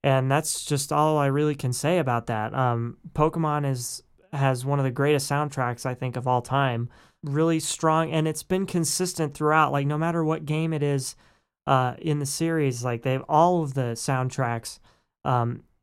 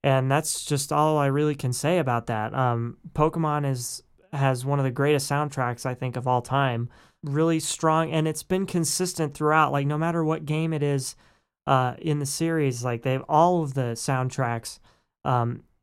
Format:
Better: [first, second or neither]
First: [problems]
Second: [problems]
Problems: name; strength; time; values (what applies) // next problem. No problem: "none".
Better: neither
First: none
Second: none